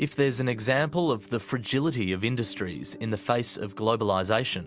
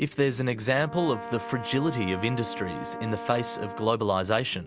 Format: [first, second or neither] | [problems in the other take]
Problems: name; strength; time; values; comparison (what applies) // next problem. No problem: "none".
first | background sound (Brass instrument); 10 dB below the speech